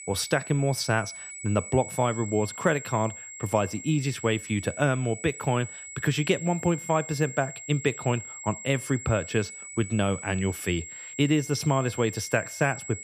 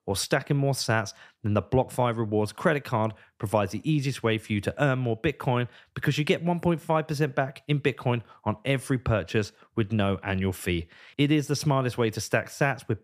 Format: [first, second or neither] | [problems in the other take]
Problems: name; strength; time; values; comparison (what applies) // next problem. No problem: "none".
second | high-pitched whine; noticeable; throughout; 7.5 kHz, 10 dB below the speech